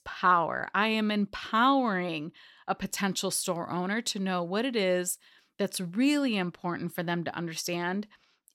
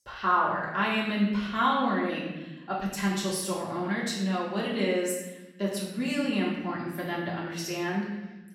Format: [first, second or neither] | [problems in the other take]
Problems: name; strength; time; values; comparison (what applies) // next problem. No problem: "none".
first | off-mic speech; far // room echo; noticeable; dies away in 1.1 s